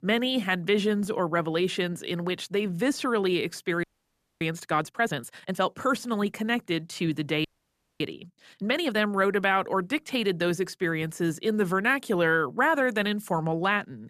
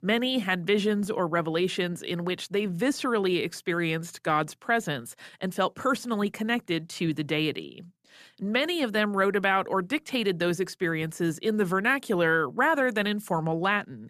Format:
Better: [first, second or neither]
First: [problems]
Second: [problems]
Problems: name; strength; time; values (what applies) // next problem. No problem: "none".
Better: second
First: audio freezing; at 4 s for 0.5 s and at 7.5 s for 0.5 s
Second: none